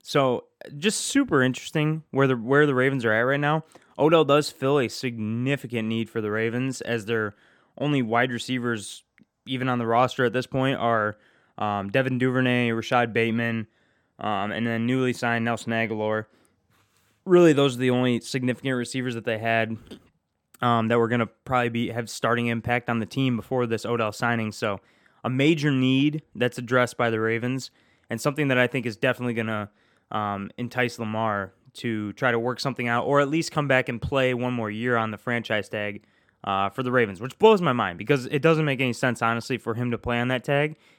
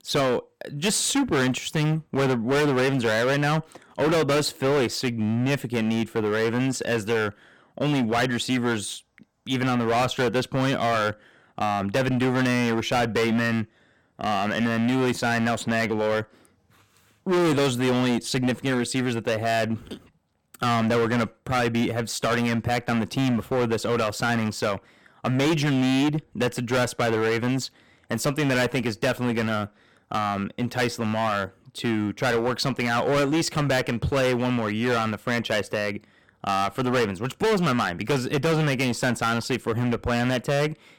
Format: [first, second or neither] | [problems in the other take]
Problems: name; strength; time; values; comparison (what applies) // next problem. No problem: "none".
first | distortion; heavy; 17% of the sound clipped